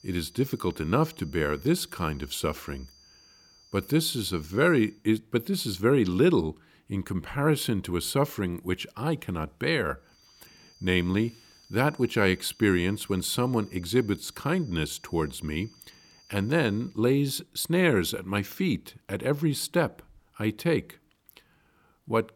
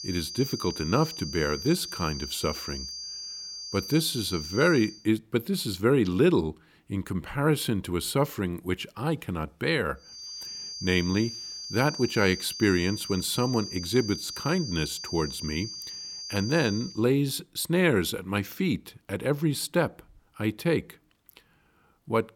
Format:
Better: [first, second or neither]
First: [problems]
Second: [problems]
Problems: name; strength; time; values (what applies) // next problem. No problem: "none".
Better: first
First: high-pitched whine; faint; until 5 s and from 10 to 17 s; 4.5 kHz, 30 dB below the speech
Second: high-pitched whine; loud; until 5 s and from 10 to 17 s; 4.5 kHz, 8 dB below the speech